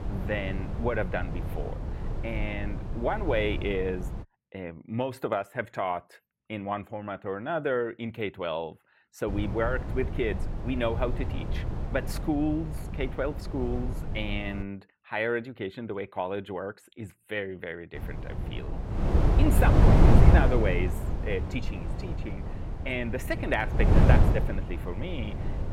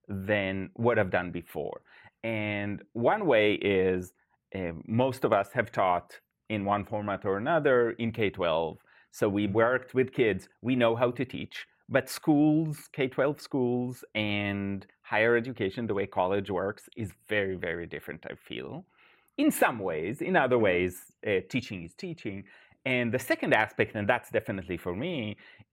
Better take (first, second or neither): second